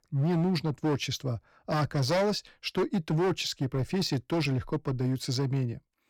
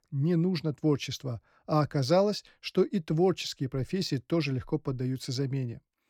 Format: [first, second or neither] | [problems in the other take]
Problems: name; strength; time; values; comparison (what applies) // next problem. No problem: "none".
second | distortion; heavy; 13% of the sound clipped